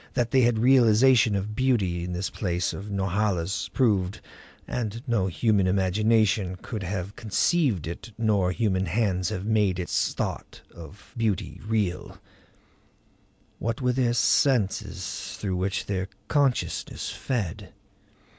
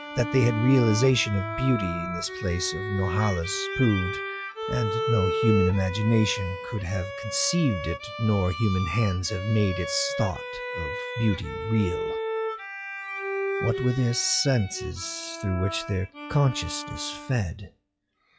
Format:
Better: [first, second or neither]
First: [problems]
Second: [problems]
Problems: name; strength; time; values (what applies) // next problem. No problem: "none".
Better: first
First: none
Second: noise reduction (classical method log-MMSE)